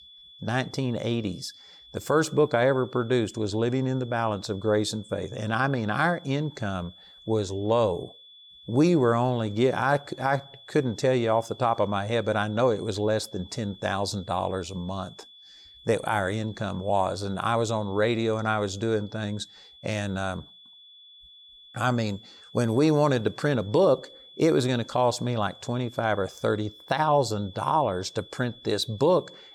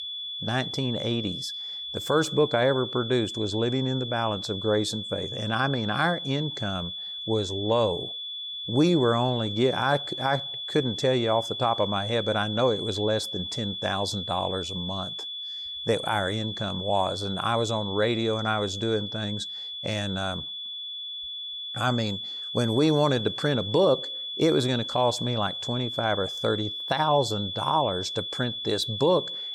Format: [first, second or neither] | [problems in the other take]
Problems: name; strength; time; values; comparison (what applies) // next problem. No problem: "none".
first | high-pitched whine; loud; throughout; 3.5 kHz, 5 dB below the speech; faint in the first